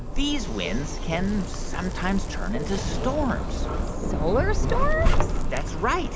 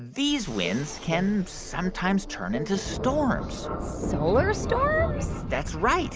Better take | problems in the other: second | background sound (Zipper (clothing)); 2 dB above the speech

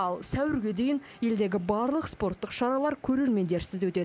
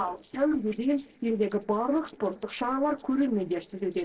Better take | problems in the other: first | noise reduction (neural separator model SepFormer DNS4)

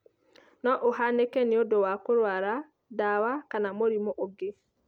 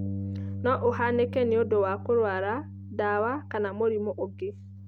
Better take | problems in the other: first | background sound (Bass guitar); 9 dB below the speech

